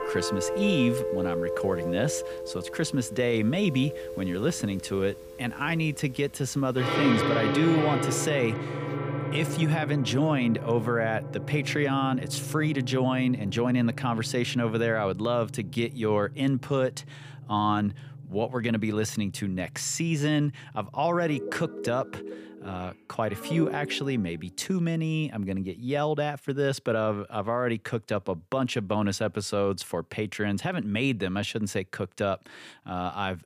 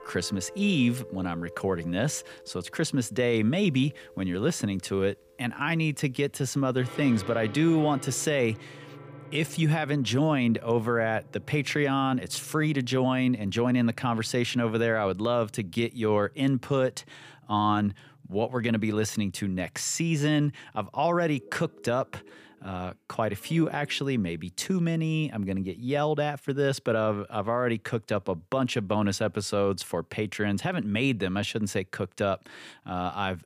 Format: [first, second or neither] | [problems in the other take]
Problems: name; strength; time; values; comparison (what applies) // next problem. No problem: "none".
second | background music; loud; until 24 s; 6 dB below the speech; faint in the second